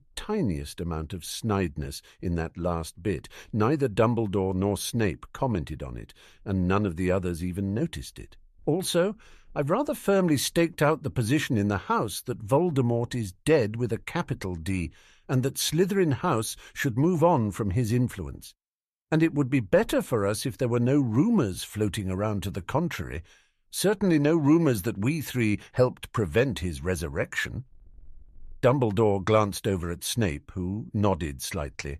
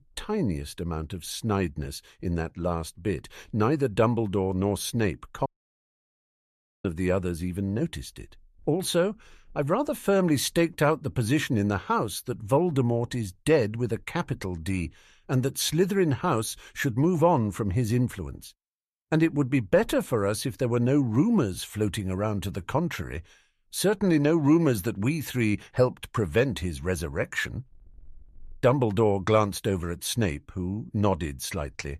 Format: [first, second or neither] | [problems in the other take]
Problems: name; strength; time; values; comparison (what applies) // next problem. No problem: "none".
first | audio cutting out; at 5.5 s for 1.5 s